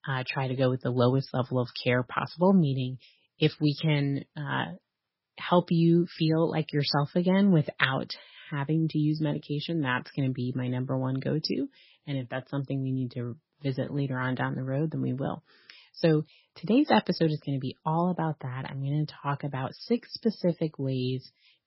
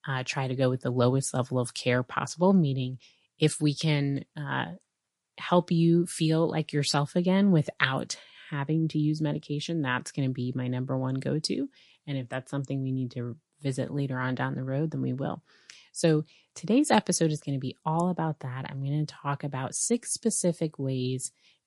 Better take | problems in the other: second | garbled, watery; badly; nothing above 5.5 kHz; slightly in the second

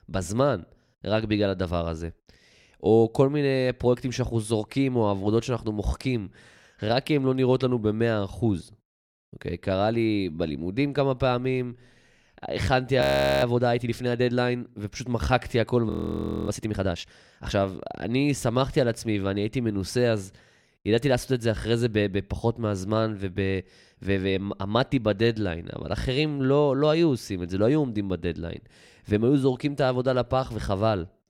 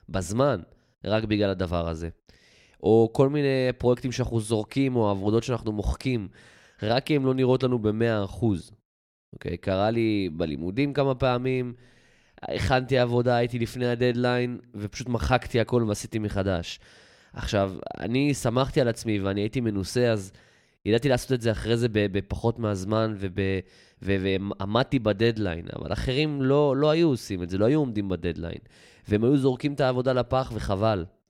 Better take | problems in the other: second | audio freezing; at 13 s and at 16 s for 0.5 s

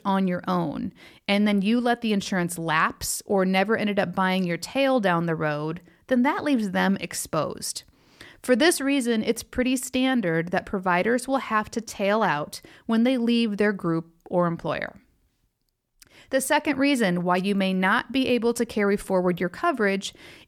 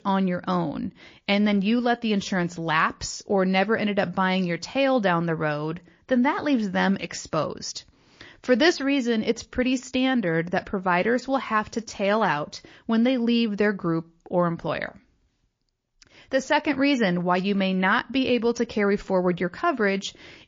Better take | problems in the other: first | garbled, watery; slightly

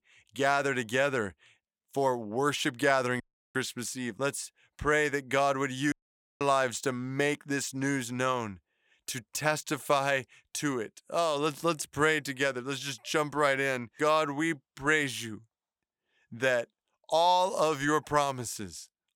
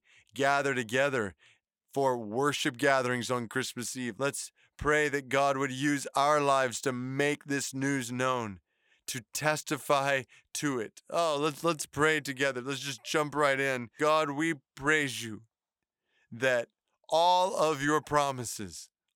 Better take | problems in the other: second | audio cutting out; at 3 s and at 6 s

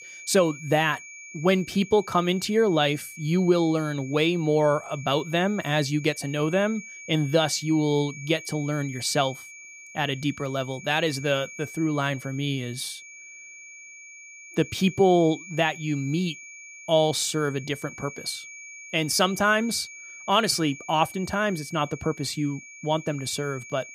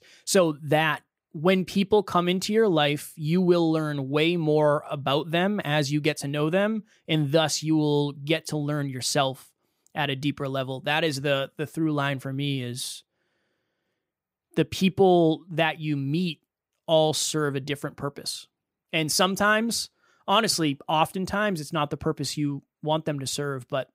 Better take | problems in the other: second | high-pitched whine; noticeable; throughout; 2.5 kHz, 15 dB below the speech

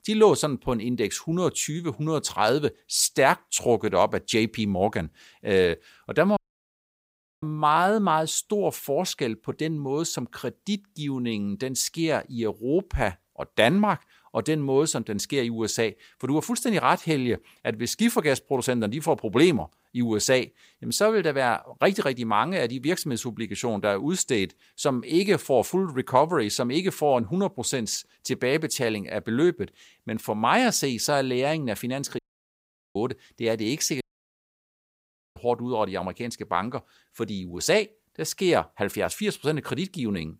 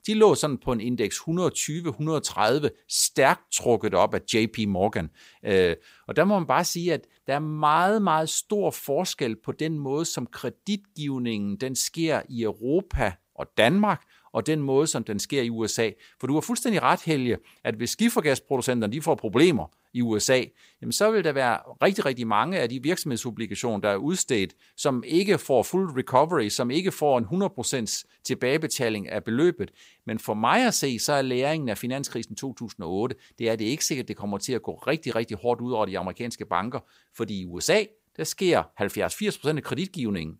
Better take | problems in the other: second | audio cutting out; at 6.5 s for 1 s, at 32 s for 1 s and at 34 s for 1.5 s

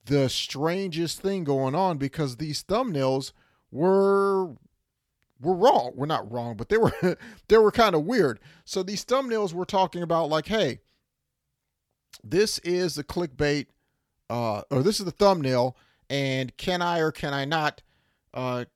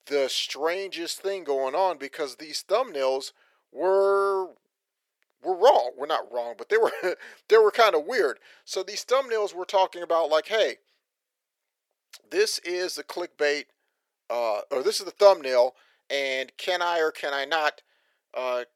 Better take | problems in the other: first | thin; very; fading below 400 Hz

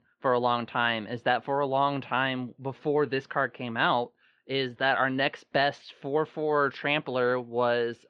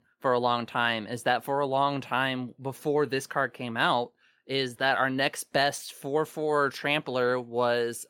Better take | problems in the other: second | muffled; very slightly; fading above 3.5 kHz

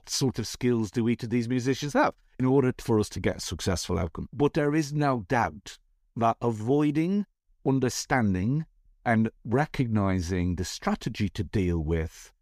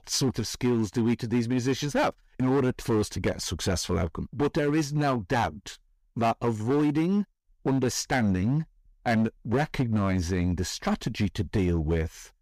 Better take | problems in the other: first | distortion; slight; 8% of the sound clipped

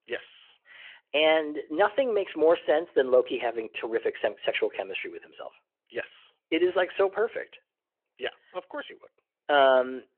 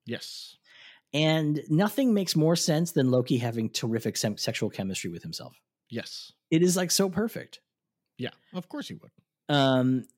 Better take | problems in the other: second | phone-call audio; nothing above 3 kHz

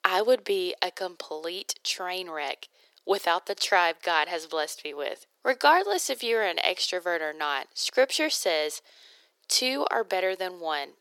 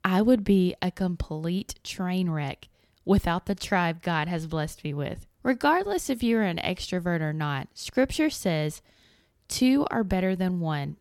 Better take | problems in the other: second | thin; very; fading below 400 Hz

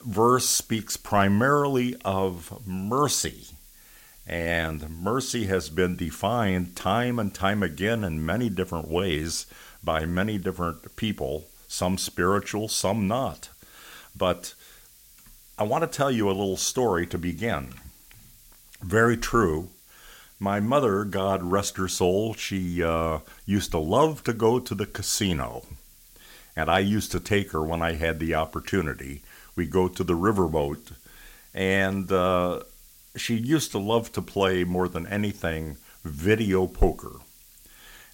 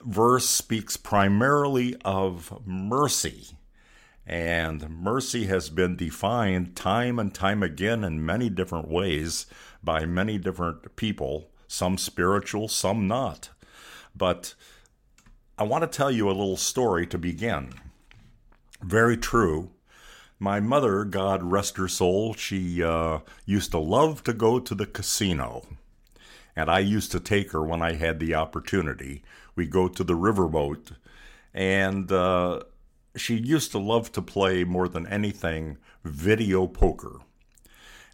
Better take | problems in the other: second | hiss; faint; throughout; 25 dB below the speech

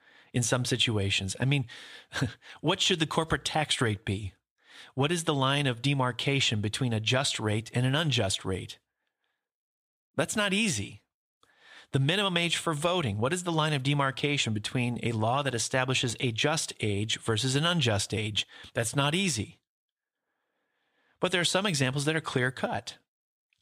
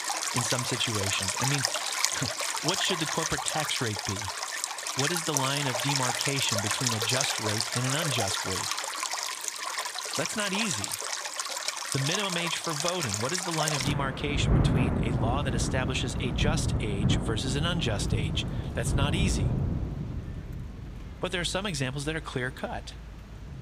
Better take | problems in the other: first | rain or running water; very loud; throughout; 2 dB above the speech

